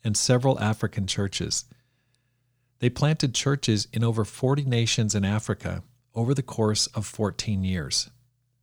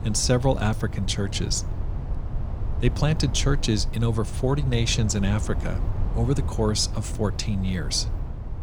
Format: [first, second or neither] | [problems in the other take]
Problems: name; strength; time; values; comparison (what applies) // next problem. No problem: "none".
first | low rumble; noticeable; throughout; 15 dB below the speech